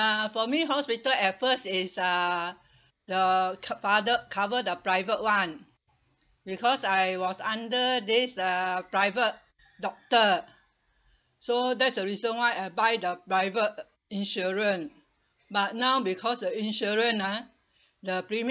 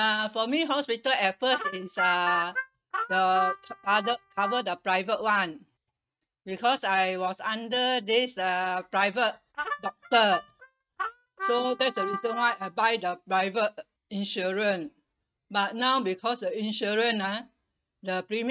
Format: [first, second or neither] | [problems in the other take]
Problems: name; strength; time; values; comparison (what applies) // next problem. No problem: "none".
first | noise reduction (neural mask model RNNoise)